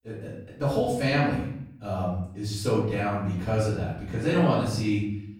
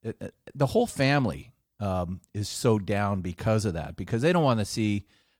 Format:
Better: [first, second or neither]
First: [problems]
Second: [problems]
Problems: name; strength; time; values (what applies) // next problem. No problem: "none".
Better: second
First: off-mic speech; far // room echo; noticeable; dies away in 0.7 s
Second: none